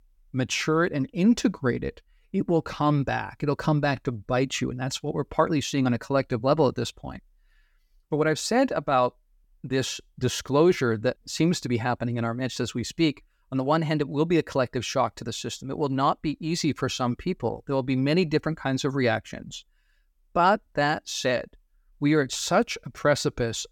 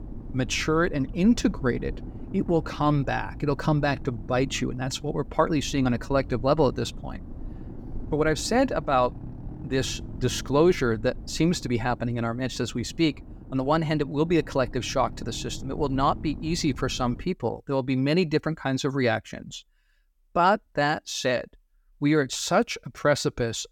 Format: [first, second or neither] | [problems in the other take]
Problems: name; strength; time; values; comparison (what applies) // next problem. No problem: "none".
first | low rumble; faint; until 17 s; 20 dB below the speech